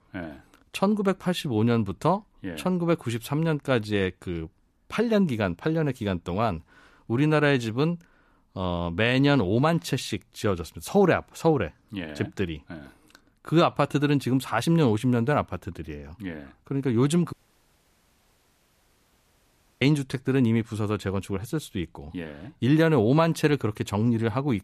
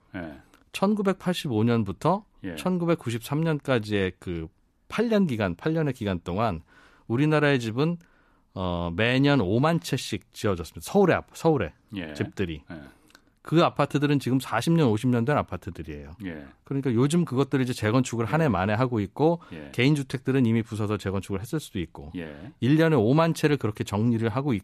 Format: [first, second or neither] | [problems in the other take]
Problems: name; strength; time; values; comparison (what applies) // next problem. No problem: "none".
second | audio cutting out; at 17 s for 2.5 s